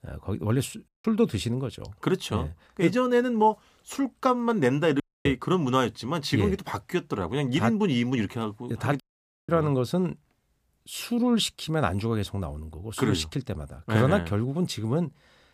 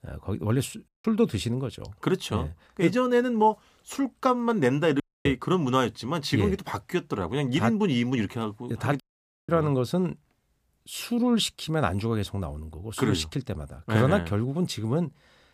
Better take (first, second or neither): neither